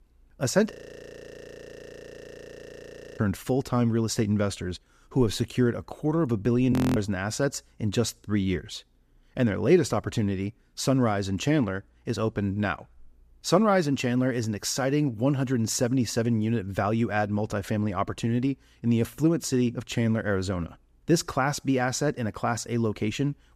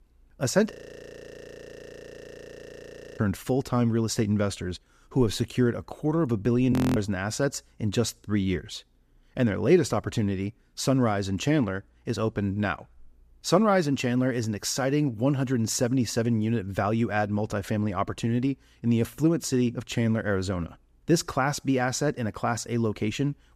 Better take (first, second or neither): neither